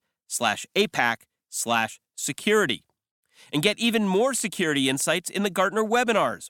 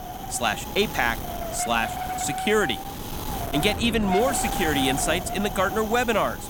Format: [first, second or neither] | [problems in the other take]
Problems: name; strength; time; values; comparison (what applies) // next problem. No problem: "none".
first | wind noise on the microphone; heavy; 6 dB below the speech